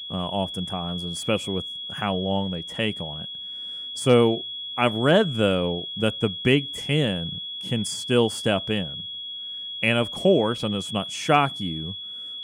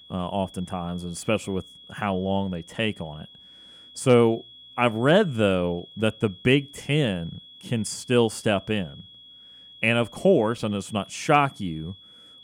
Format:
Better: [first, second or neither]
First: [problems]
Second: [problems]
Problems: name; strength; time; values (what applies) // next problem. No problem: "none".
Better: second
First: high-pitched whine; loud; throughout; 3.5 kHz, 7 dB below the speech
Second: high-pitched whine; faint; throughout; 3.5 kHz, 20 dB below the speech